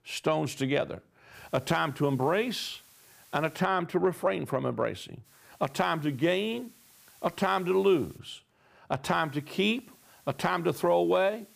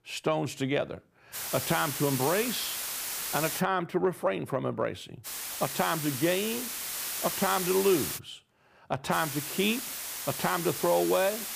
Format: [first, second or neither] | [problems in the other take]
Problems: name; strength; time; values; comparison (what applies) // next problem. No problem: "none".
first | hiss; loud; from 1.5 to 3.5 s, from 5.5 to 8 s and from 9 s on; 4 dB below the speech; faint in the first